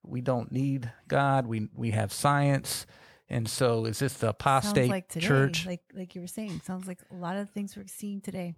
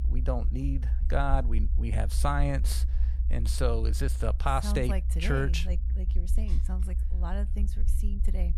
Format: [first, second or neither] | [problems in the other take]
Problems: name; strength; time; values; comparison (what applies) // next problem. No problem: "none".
first | low rumble; noticeable; throughout; 15 dB below the speech